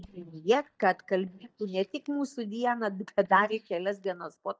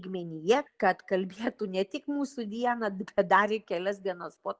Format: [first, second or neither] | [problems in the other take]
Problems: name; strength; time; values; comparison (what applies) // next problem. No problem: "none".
second | noise reduction (neural mask model DeepFilterNet 3)